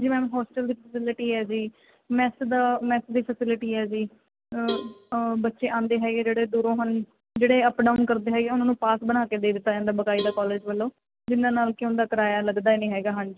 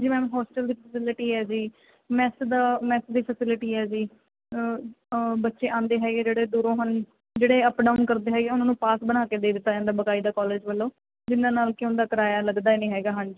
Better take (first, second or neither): second